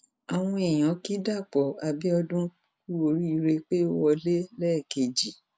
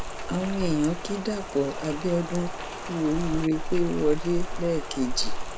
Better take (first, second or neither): first